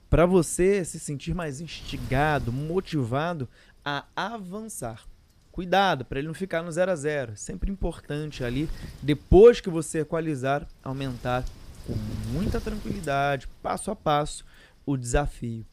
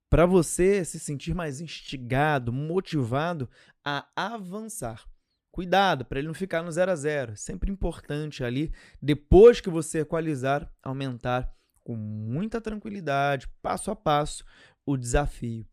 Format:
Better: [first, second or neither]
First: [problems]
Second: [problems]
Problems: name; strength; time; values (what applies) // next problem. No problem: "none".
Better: second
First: wind noise on the microphone; occasional gusts; 20 dB below the speech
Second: none